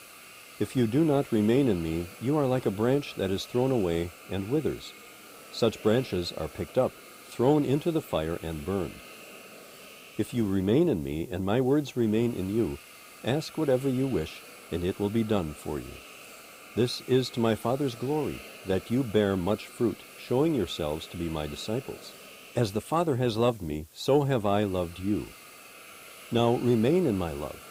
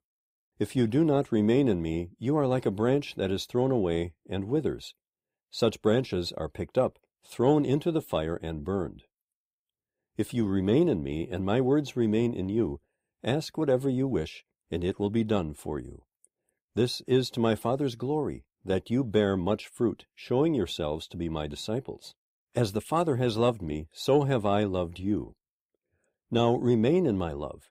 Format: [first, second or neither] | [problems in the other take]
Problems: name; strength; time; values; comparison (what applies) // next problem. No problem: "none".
second | hiss; noticeable; throughout; 20 dB below the speech